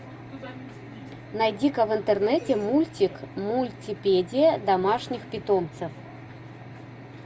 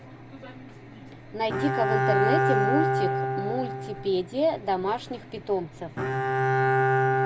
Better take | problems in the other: first | background sound (Bowed string instrument); 3 dB above the speech

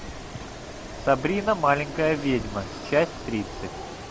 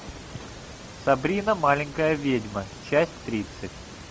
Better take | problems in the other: second | background sound (Fixed-wing aircraft, airplane); 12 dB below the speech

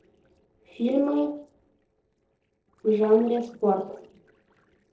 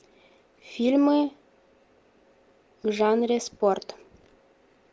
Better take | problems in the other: second | noise reduction (neural separator model SepFormer DNS4)

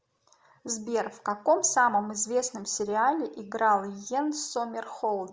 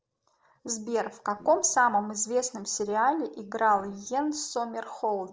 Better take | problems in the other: first | noise reduction (neural separator model SepFormer DNS4)

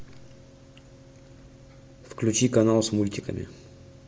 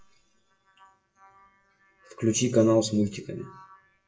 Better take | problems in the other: first | noise reduction (classical method WPE with log-MMSE)

